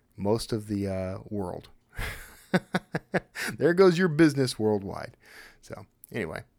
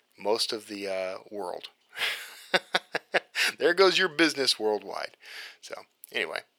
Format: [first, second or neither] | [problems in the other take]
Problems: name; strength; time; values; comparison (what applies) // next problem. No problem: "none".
first | thin; very; fading below 550 Hz